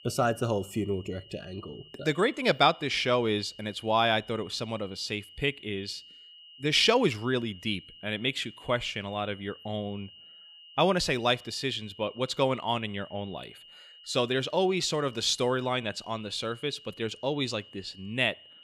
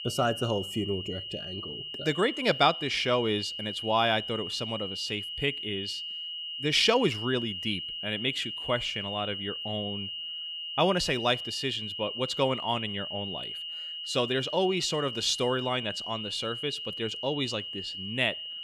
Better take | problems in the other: first | high-pitched whine; loud; throughout; 3 kHz, 5 dB below the speech; faint in the first

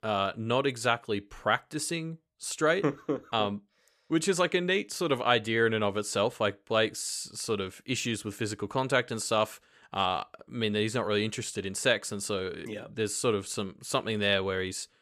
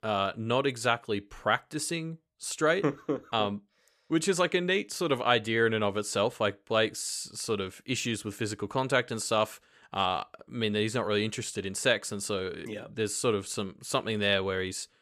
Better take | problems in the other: neither | none

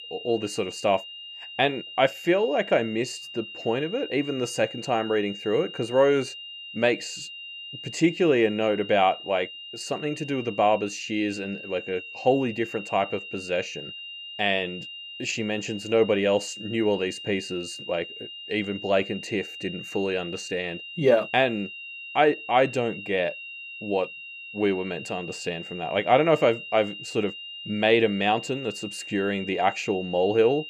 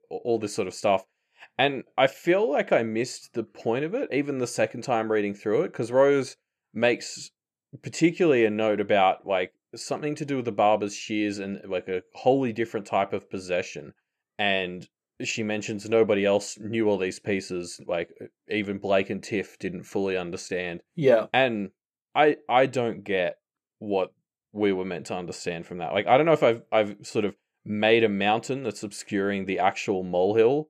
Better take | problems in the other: second | high-pitched whine; noticeable; throughout; 3 kHz, 10 dB below the speech

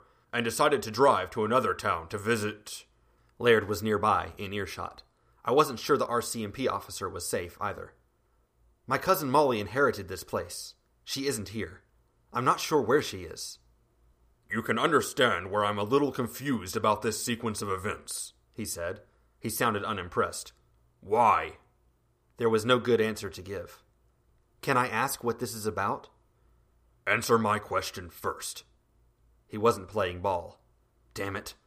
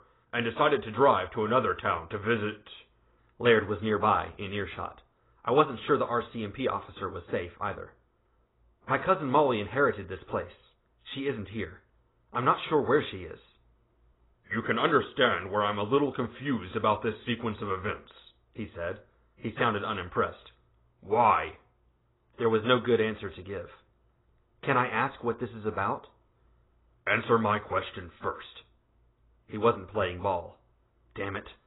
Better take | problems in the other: first | garbled, watery; badly; nothing above 3.5 kHz

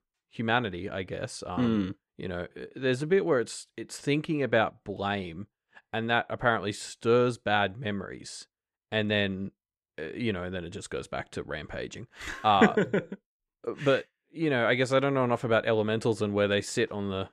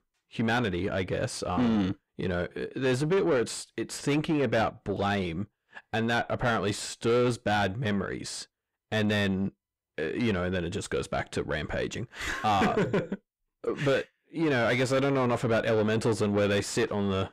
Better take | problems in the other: first | distortion; heavy; 6 dB below the speech

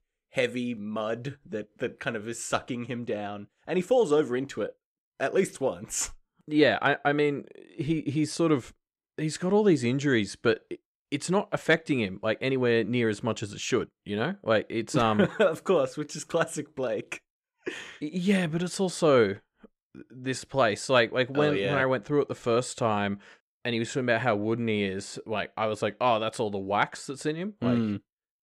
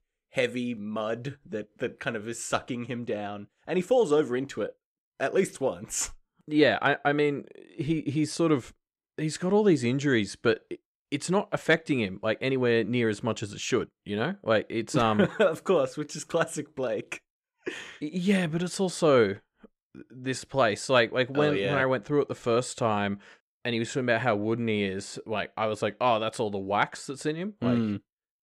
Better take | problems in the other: neither | none

